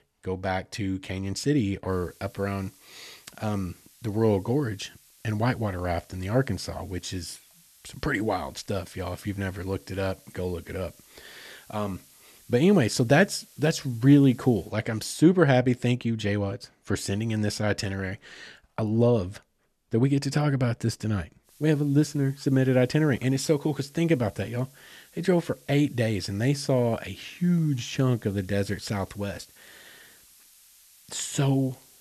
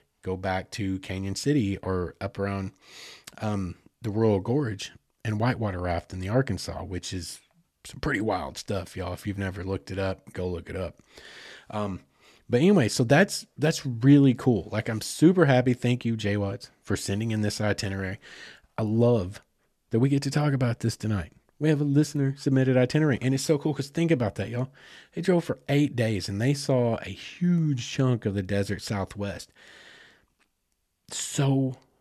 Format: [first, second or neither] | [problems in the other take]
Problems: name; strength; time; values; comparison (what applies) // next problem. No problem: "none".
second | hiss; faint; from 2 to 15 s and from 21 s on; 25 dB below the speech